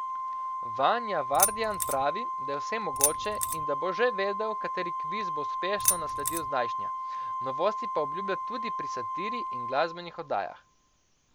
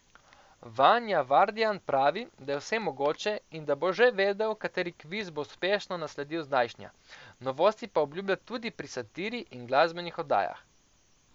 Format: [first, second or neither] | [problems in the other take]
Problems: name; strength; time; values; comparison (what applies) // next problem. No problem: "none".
second | background sound (Keys jangling + Organ); 1 dB above the speech